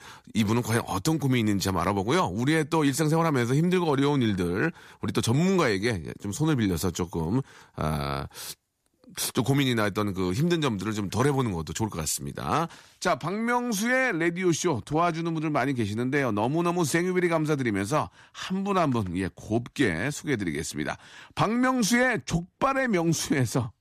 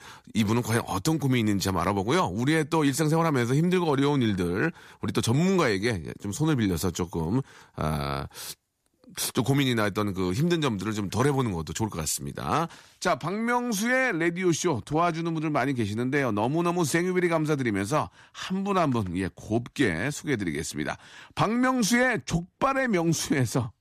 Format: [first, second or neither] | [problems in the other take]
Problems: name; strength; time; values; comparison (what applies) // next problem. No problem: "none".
neither | none